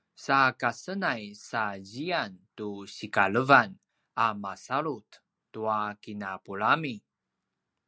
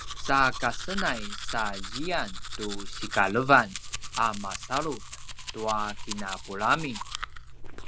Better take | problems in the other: first | background sound (Domestic sounds, home sounds); 5 dB below the speech

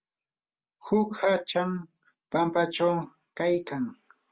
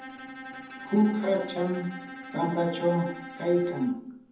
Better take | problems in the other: first | background sound (Bowed string instrument); 13 dB below the speech // room echo; dies away in 0.8 s

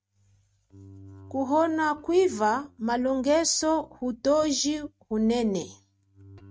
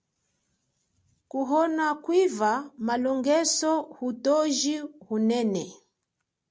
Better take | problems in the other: second | noise reduction (neural mask model RNNoise)

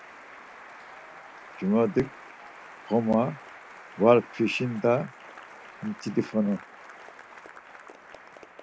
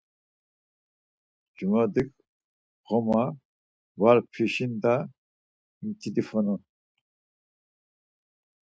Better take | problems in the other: second | background sound (Applause); 17 dB below the speech

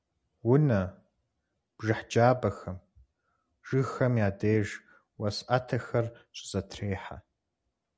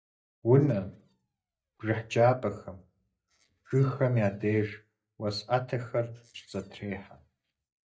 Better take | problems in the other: first | noise reduction (neural mask model DeepFilterNet 3)

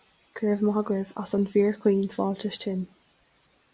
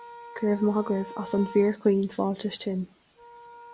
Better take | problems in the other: first | background sound (Wind instrument, woodwind instrument); 17 dB below the speech

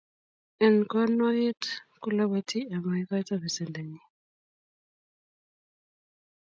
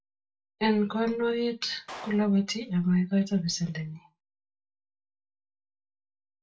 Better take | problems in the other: first | background sound (Clapping); 19 dB below the speech // room echo; dies away in 0.2 s

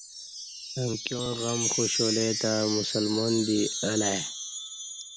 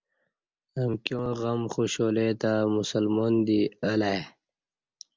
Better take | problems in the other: second | background sound (Wind chime); 3 dB below the speech

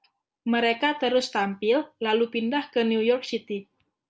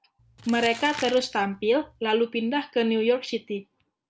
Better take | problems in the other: first | background sound (Crumpling, crinkling); 16 dB below the speech

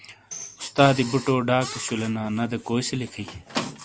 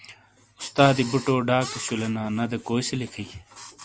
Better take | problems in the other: second | background sound (Squeak + Tambourine); 15 dB below the speech

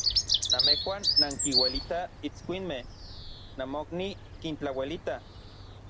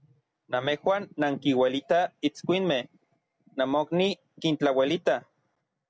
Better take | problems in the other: second | background sound (Bird vocalization, bird call, bird song); 5 dB above the speech

